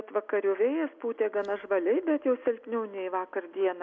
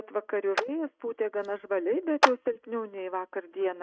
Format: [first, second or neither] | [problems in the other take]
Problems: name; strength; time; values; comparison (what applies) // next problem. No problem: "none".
first | noise reduction (neural mask model RNNoise)